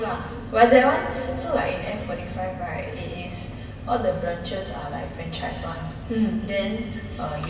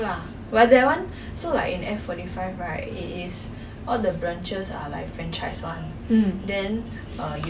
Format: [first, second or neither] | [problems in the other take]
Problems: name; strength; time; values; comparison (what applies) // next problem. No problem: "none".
second | room echo; dies away in 2.6 s